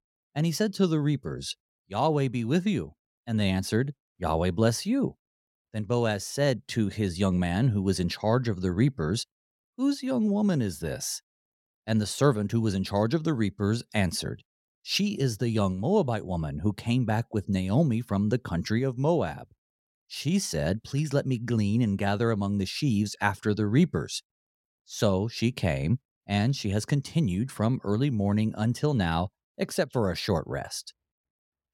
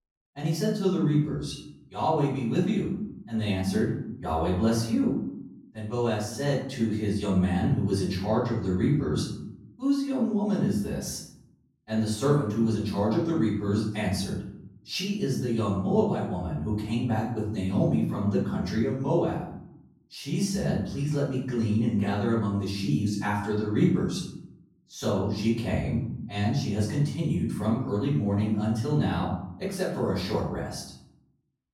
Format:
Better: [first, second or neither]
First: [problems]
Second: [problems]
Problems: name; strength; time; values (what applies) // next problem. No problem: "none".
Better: first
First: none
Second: off-mic speech; far // room echo; noticeable; dies away in 0.7 s